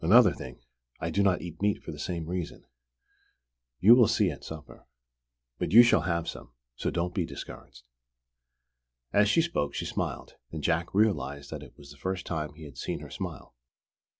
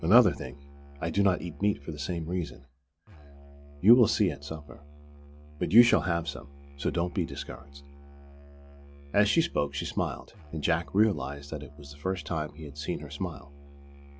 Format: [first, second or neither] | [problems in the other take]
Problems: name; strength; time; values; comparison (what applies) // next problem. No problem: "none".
first | background sound (Musical instrument); 18 dB below the speech